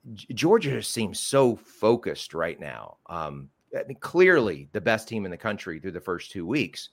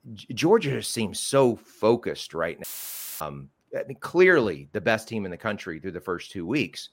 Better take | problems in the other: first | audio cutting out; filled with static; at 2.5 s for 0.5 s

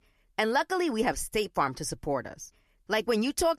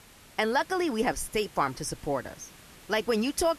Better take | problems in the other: first | hiss; faint; throughout; 20 dB below the speech

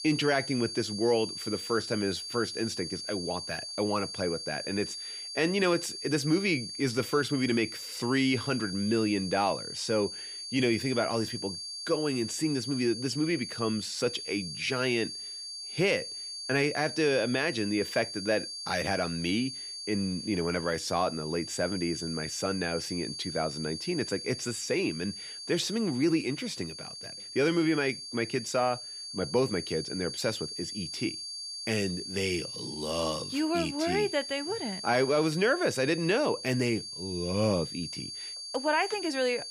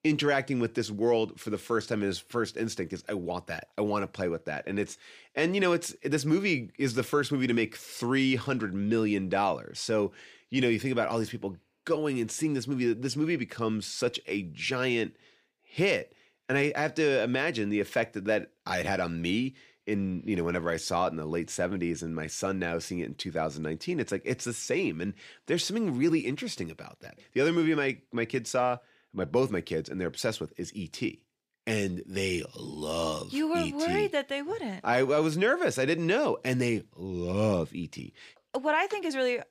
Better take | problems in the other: second | high-pitched whine; loud; throughout; 4.5 kHz, 7 dB below the speech

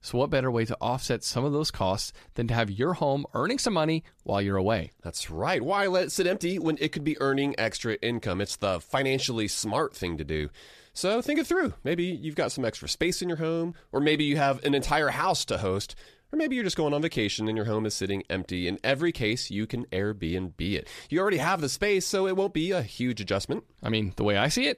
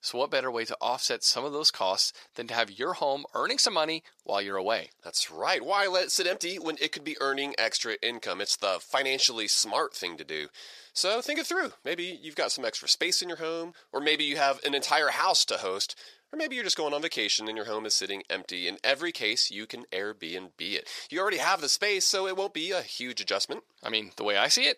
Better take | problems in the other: first | thin; somewhat; fading below 550 Hz

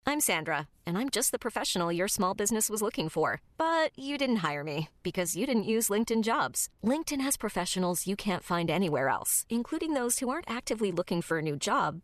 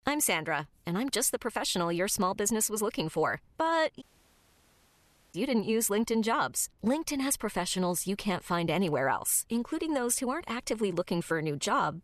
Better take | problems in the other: first | audio cutting out; at 4 s for 1.5 s

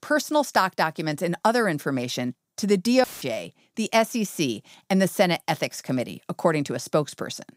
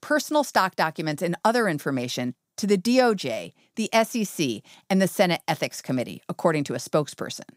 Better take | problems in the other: second | audio cutting out; filled with static; at 3 s

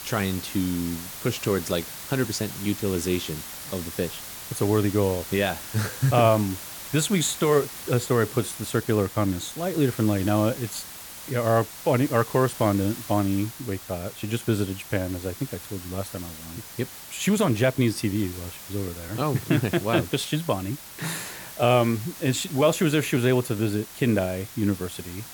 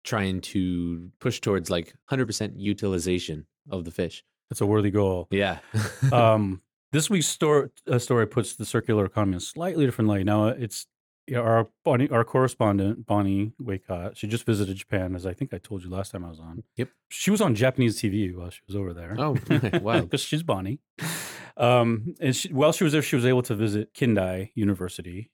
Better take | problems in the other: second | hiss; noticeable; throughout; 10 dB below the speech

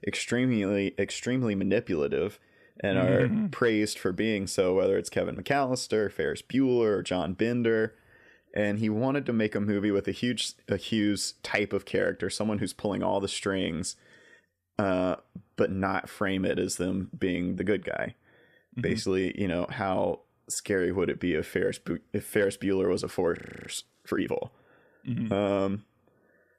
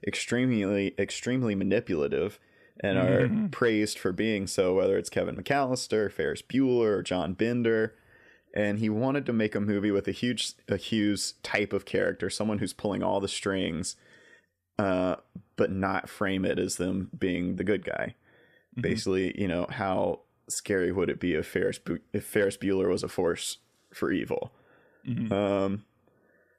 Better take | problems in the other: second | audio freezing; at 23 s

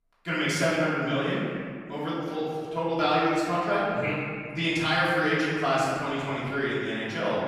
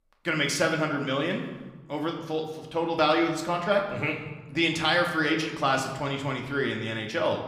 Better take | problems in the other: second | room echo; strong; dies away in 1.9 s; slight in the second // off-mic speech; far; somewhat distant in the second

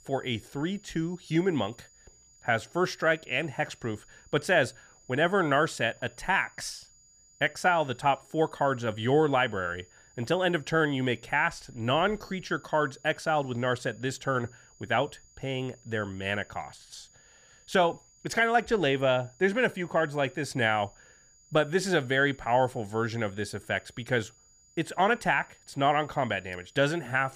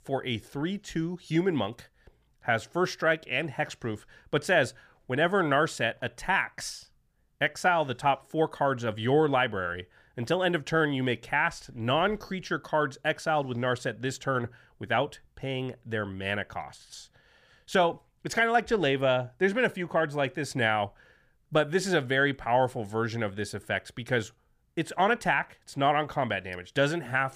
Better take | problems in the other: second | high-pitched whine; faint; throughout; 7 kHz, 30 dB below the speech

